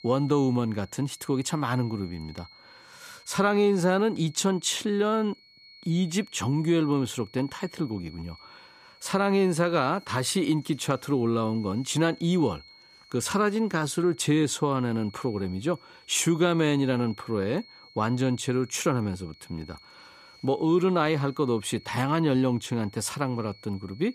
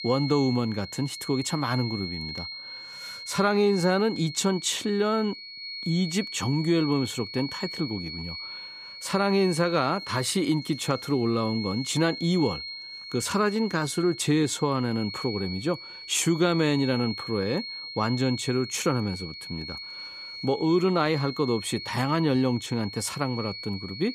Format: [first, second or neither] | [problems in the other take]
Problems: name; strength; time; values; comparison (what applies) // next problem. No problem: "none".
first | high-pitched whine; loud; throughout; 4 kHz, 10 dB below the speech; faint in the first